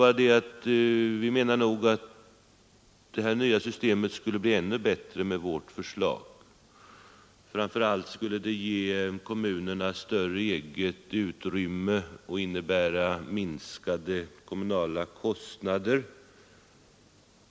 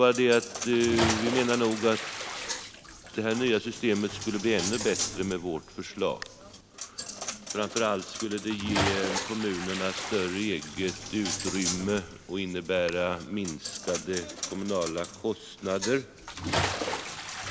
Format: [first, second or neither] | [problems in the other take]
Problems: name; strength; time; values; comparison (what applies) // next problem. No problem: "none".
first | background sound (Coin (dropping) + Bathtub (filling or washing) / Splash, splatter); 6 dB below the speech